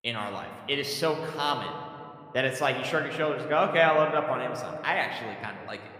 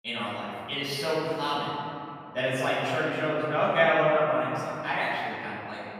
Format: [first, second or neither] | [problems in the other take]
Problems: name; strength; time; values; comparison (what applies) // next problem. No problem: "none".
first | room echo; strong; dies away in 2.8 s; slight in the first // off-mic speech; far